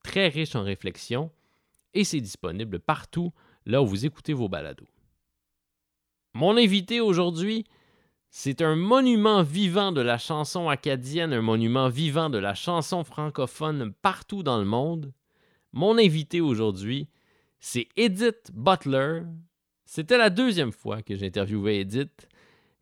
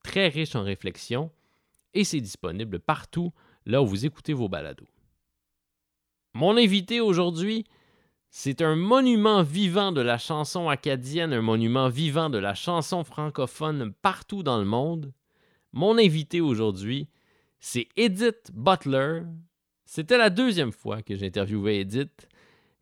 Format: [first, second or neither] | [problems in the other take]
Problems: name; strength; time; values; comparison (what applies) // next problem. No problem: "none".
neither | none